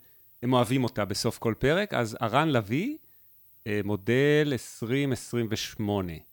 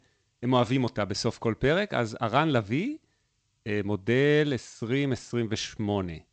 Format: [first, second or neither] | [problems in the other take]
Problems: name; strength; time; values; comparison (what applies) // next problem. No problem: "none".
first | garbled, watery; slightly; nothing above 8 kHz